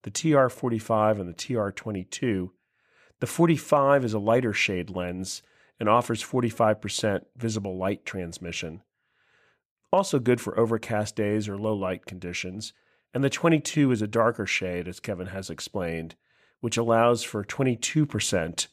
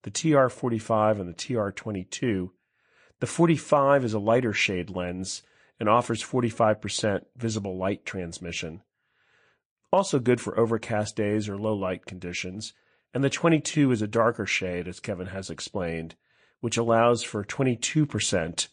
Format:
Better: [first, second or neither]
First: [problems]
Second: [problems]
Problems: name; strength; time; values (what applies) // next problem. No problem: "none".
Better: first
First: none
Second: garbled, watery; slightly; nothing above 9 kHz